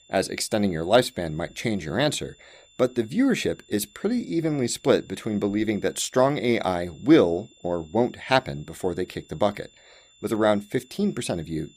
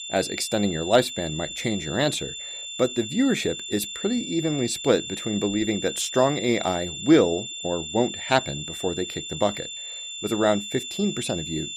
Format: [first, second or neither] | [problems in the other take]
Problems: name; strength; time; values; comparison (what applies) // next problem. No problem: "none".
first | high-pitched whine; loud; throughout; 3.5 kHz, 7 dB below the speech; faint in the first